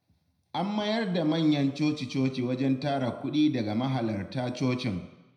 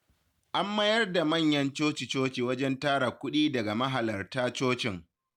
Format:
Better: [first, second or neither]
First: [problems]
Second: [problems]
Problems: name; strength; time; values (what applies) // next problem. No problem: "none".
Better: second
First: room echo; dies away in 0.7 s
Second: none